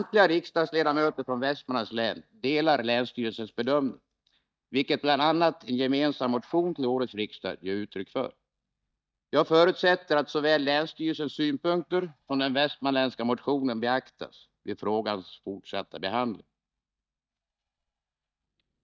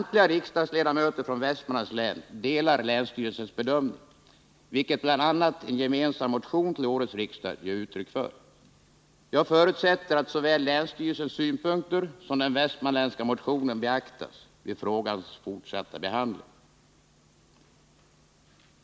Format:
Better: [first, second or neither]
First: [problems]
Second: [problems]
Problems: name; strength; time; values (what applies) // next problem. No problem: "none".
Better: second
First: noise reduction (neural mask model DeepFilterNet 3)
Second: none